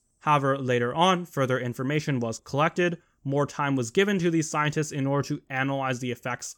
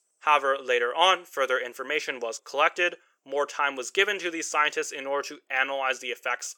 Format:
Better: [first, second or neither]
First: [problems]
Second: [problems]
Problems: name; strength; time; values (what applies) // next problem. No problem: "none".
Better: first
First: none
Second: thin; very; fading below 450 Hz